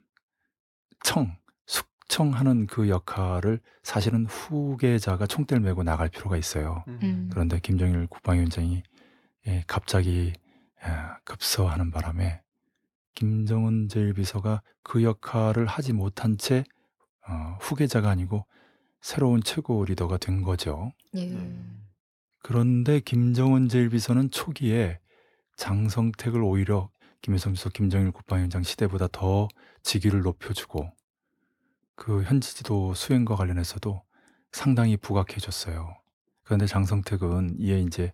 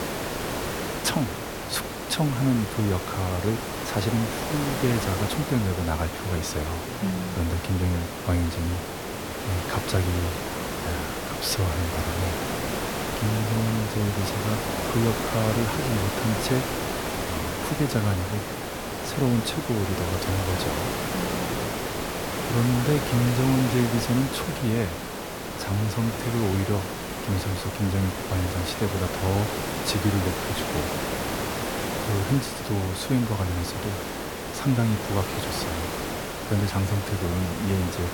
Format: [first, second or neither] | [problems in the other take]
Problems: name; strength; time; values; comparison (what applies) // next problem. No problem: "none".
first | hiss; loud; throughout; 2 dB below the speech